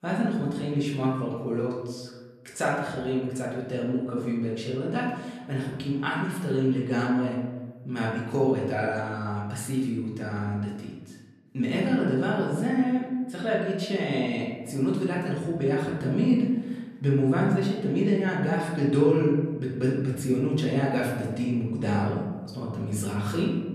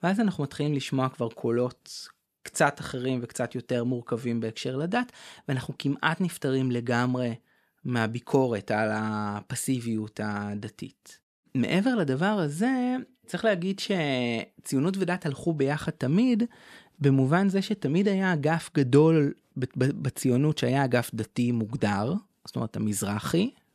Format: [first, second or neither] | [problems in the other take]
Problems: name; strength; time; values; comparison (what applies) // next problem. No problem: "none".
second | room echo; noticeable; dies away in 1.1 s // off-mic speech; far